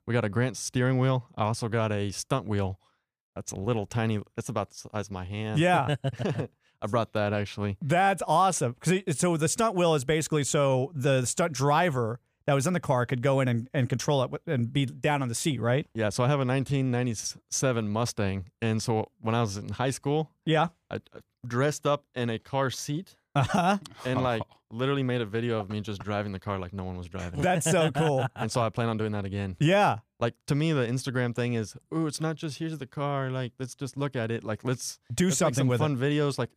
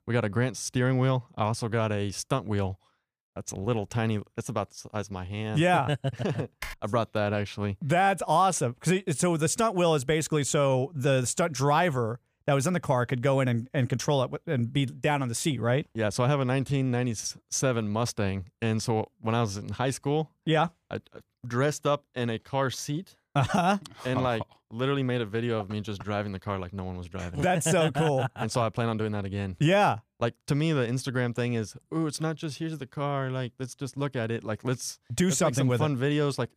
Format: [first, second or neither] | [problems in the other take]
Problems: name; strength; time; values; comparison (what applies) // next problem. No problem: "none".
first | keyboard typing; faint; at 6.5 s; peak 10 dB below the speech